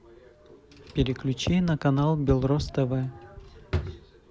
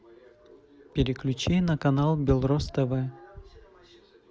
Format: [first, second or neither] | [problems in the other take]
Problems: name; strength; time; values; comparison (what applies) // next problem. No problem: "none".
second | background sound (Drawer open or close); 13 dB below the speech